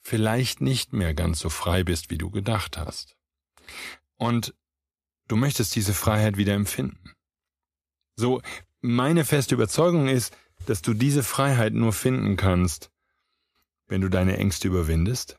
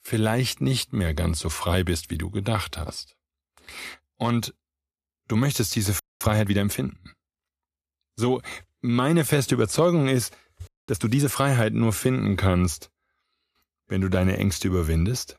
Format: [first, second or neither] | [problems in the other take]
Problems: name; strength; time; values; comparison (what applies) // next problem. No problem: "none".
first | audio freezing; at 6 s and at 11 s